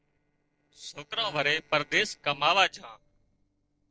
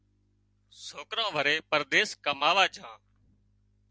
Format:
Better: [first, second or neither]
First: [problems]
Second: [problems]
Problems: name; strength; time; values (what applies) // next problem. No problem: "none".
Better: second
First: noise reduction (neural separator model SepFormer DNS4)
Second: none